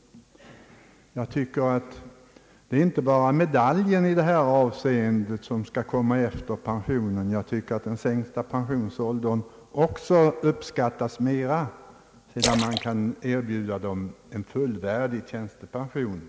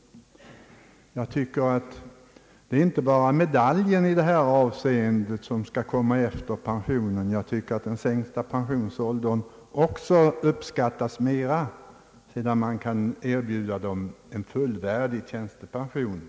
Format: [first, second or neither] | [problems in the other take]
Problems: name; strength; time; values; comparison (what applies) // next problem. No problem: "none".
second | background sound (Splash, splatter); 8 dB below the speech